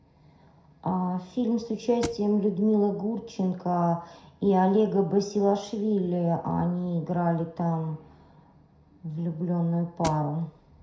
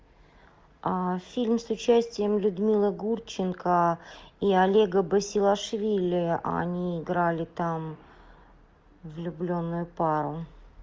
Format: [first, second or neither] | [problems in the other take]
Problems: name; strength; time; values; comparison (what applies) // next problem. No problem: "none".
second | background sound (Thump, thud); 11 dB below the speech // room echo; dies away in 0.5 s